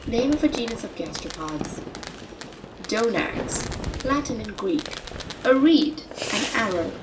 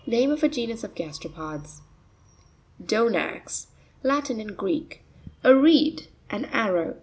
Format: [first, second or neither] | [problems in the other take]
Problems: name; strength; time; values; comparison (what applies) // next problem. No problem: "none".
second | background sound (Fireworks); 8 dB below the speech // room echo; dies away in 0.2 s